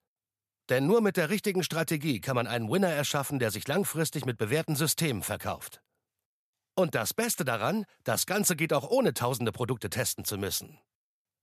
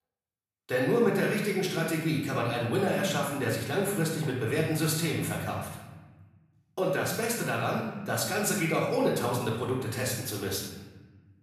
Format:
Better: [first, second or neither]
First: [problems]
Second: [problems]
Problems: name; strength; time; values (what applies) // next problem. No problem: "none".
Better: first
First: none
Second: off-mic speech; far // room echo; noticeable; dies away in 1.2 s